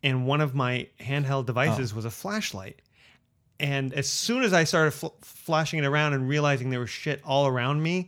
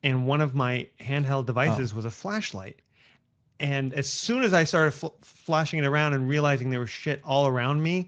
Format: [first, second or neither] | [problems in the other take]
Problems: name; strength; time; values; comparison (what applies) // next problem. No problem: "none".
first | garbled, watery; slightly